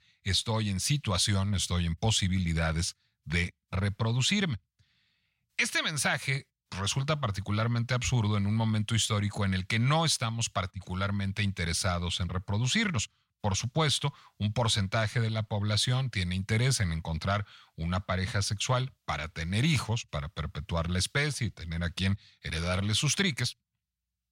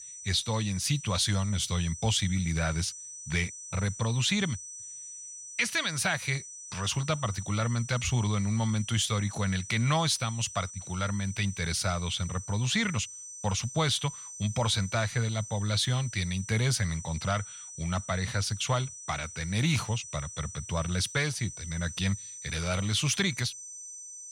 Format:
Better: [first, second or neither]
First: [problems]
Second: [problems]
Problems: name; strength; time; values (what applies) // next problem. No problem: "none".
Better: first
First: none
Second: high-pitched whine; noticeable; throughout; 6 kHz, 10 dB below the speech